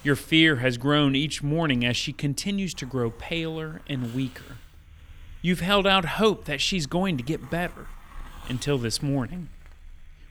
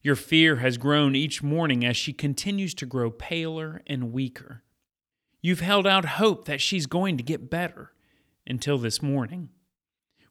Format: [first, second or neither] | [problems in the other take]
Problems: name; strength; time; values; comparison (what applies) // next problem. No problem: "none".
second | hiss; faint; throughout; 25 dB below the speech